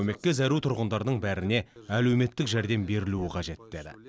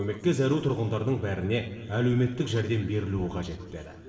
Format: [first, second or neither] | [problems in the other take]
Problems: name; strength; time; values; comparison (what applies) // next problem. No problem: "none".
first | room echo; dies away in 1.9 s